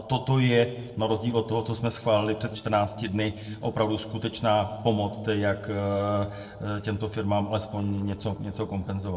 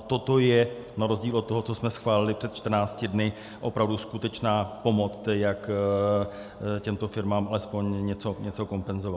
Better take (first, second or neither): second